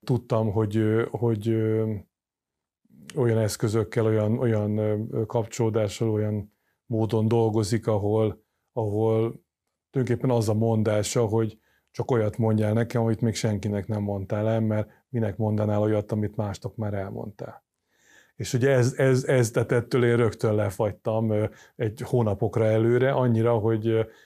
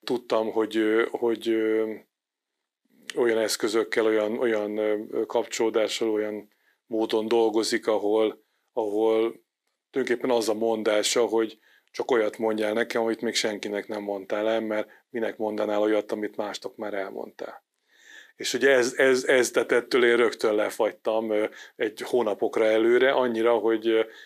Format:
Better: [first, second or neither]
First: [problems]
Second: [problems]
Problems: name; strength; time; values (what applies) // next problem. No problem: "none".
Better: first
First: none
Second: thin; somewhat; fading below 300 Hz